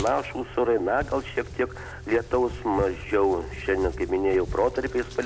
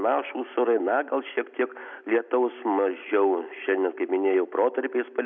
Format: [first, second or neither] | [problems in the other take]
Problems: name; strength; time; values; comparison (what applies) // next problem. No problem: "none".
second | background sound (Tearing); 12 dB below the speech